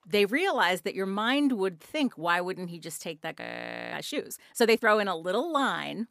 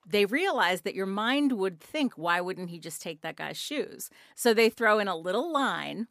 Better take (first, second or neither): second